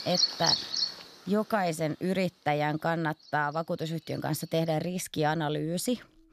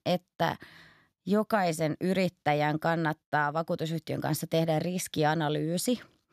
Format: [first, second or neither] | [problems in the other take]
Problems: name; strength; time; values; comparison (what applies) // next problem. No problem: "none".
second | animal sounds; very loud; throughout; 4 dB above the speech